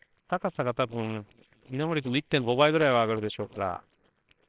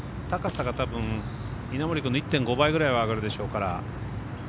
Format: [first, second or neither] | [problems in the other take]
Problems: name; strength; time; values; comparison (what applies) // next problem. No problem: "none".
second | noise reduction (neural separator model SepFormer WHAMR!)